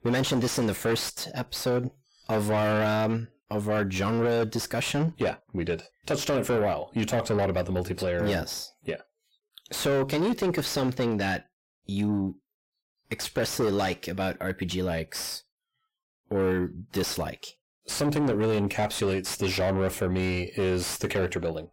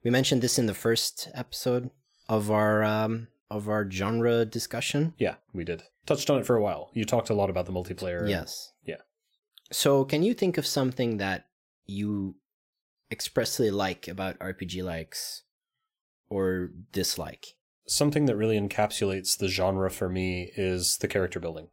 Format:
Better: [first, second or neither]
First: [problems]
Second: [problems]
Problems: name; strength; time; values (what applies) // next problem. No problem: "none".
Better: second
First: distortion; heavy; 7 dB below the speech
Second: none